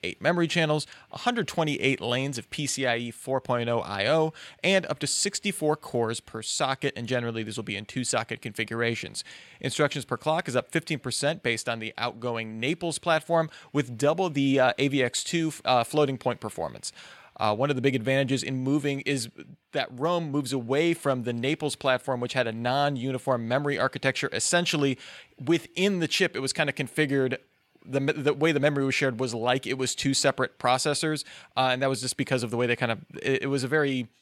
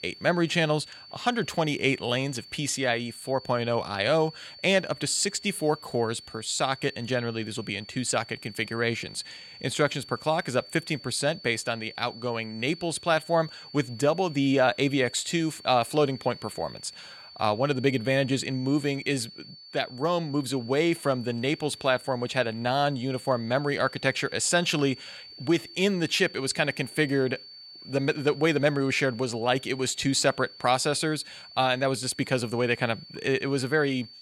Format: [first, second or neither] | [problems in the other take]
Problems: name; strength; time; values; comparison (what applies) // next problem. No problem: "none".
first | high-pitched whine; noticeable; throughout; 4.5 kHz, 15 dB below the speech